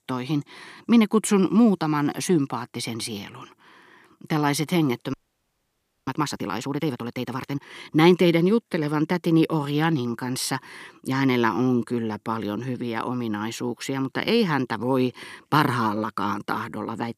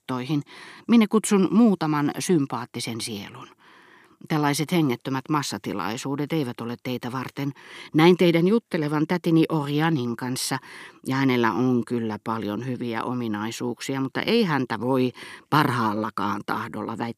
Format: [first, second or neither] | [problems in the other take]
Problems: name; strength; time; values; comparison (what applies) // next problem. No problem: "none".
second | audio freezing; at 5 s for 1 s